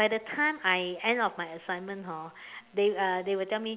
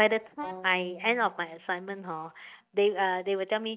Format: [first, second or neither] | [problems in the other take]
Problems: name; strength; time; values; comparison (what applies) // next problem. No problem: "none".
first | noise reduction (neural mask model DeepFilterNet 3)